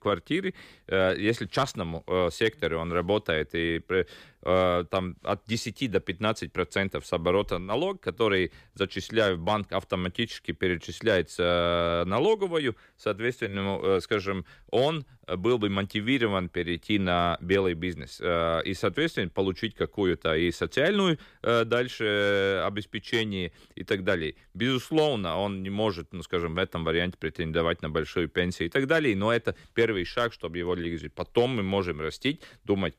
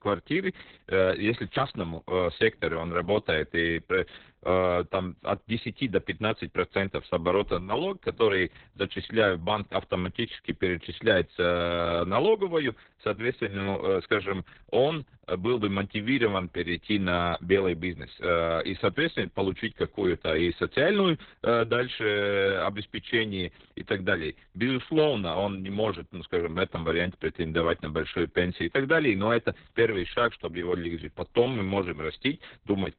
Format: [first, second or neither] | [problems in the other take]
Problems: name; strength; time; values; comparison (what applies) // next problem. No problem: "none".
first | garbled, watery; badly; nothing above 3.5 kHz